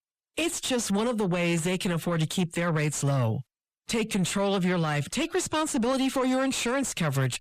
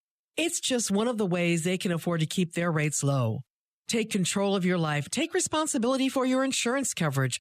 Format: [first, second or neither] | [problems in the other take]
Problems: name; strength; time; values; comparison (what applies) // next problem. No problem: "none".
second | distortion; slight; 10 dB below the speech